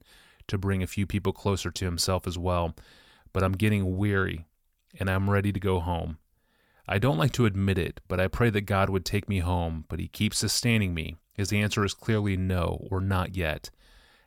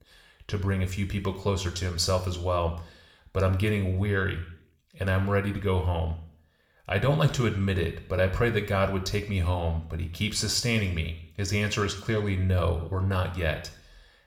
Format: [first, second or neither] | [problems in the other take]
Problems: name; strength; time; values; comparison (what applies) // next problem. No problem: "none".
first | room echo; slight; dies away in 0.6 s